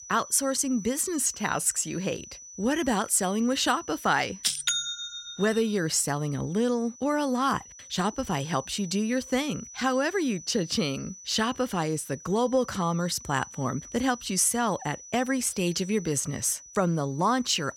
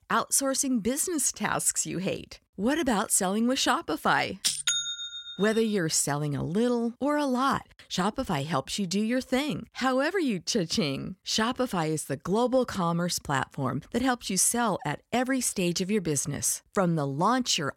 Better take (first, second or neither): second